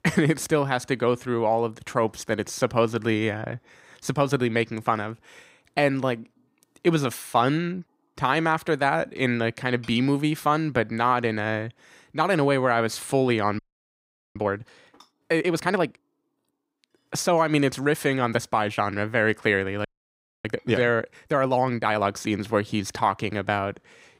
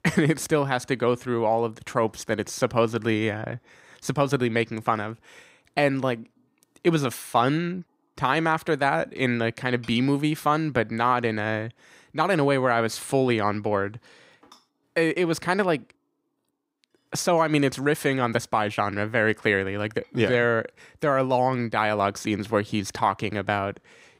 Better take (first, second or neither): second